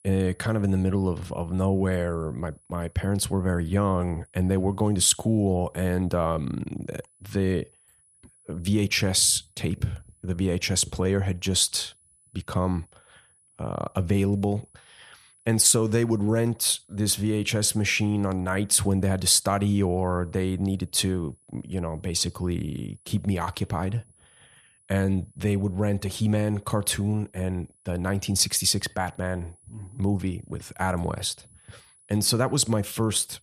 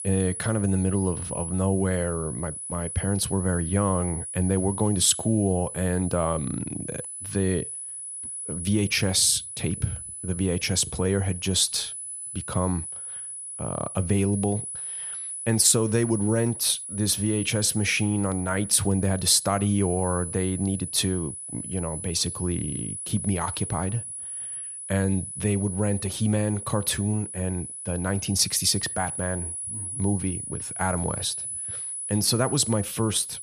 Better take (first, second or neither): first